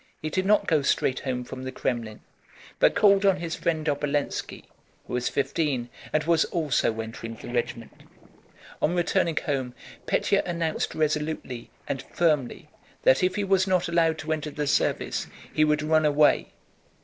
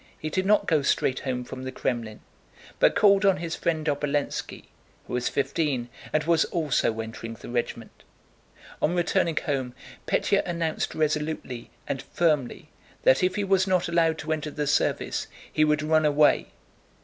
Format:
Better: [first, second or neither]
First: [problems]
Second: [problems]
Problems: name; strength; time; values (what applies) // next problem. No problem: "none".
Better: second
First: noise reduction (neural separator model SepFormer DNS4)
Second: none